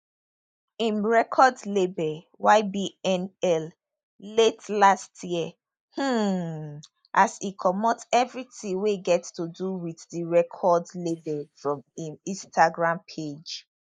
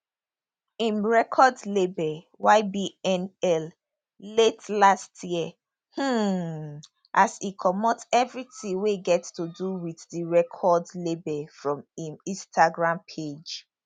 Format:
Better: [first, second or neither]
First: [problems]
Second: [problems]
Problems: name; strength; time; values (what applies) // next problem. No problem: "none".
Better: second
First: noise reduction (neural mask model Resemble Enhance denoiser)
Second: none